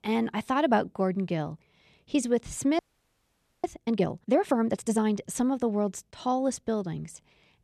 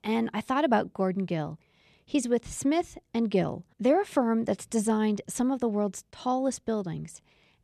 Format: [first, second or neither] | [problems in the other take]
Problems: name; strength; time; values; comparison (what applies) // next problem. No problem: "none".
second | audio freezing; at 3 s for 1 s